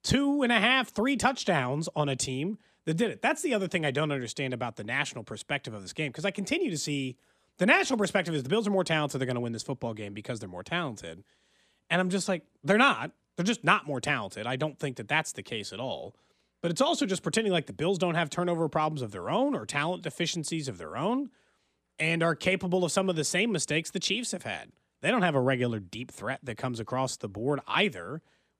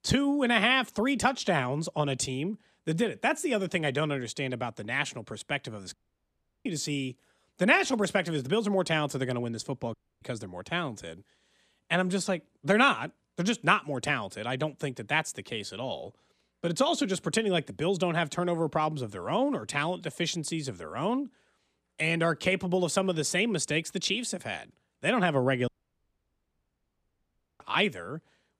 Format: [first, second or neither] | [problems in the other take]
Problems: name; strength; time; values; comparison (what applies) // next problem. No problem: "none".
first | audio cutting out; at 6 s for 0.5 s, at 10 s and at 26 s for 2 s